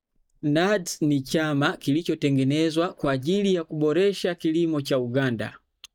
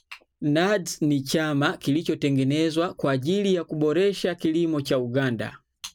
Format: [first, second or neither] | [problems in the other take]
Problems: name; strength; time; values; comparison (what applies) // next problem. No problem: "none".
second | noise reduction (neural mask model DeepFilterNet 3)